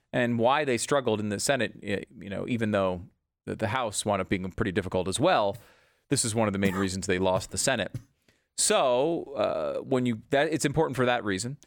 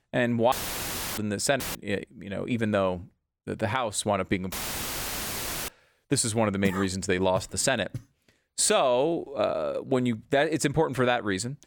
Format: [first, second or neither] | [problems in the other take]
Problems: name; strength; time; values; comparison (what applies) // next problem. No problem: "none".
first | audio cutting out; filled with static; at 0.5 s for 0.5 s, at 1.5 s and at 4.5 s for 1 s